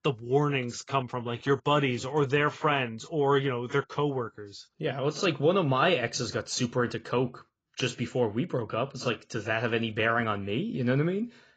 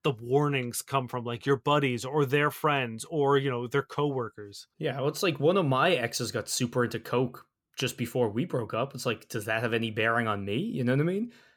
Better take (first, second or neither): second